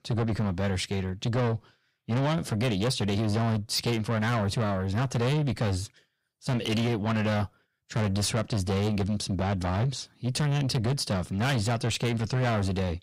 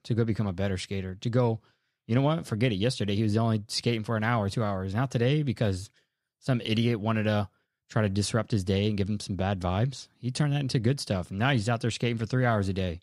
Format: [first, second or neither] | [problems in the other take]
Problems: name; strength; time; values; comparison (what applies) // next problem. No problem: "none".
second | distortion; heavy; 6 dB below the speech